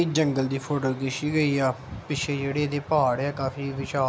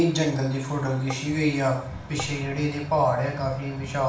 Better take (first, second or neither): first